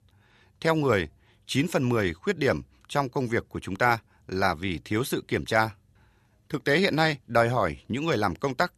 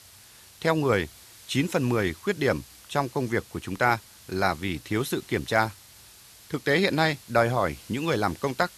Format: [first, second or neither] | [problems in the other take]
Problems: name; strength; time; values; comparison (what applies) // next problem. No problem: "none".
first | hiss; faint; throughout; 20 dB below the speech